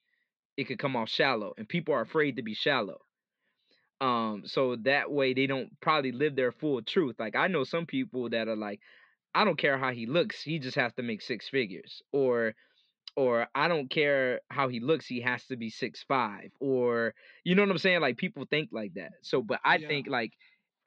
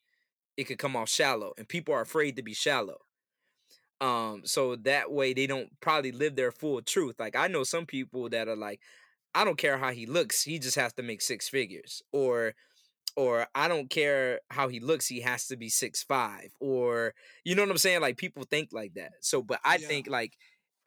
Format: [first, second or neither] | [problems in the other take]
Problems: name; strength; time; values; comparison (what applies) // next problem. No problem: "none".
second | muffled; slightly; fading above 4 kHz